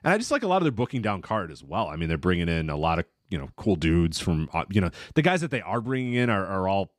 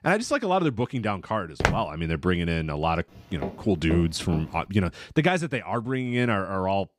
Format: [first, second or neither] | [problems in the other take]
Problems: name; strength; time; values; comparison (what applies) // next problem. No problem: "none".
first | footsteps; loud; at 1.5 s; peak level with the speech // footsteps; noticeable; from 3 to 4.5 s; peak 9 dB below the speech